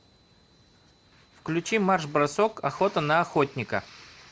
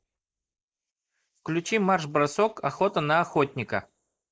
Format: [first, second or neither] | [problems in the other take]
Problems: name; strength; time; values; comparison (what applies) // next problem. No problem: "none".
first | noise reduction (neural mask model Resemble Enhance denoiser)